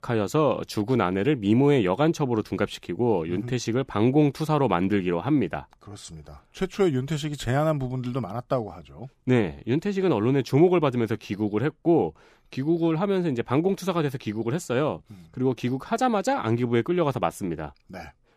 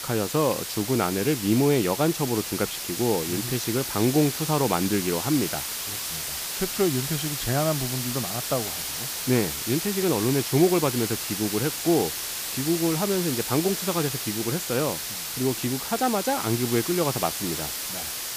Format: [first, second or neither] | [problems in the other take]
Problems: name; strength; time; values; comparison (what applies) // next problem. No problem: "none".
first | hiss; loud; throughout; 3 dB below the speech